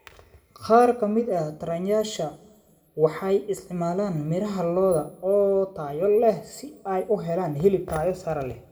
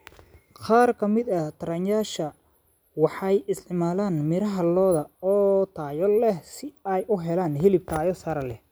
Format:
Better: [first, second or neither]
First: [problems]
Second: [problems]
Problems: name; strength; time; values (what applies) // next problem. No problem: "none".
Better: second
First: room echo; dies away in 0.8 s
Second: none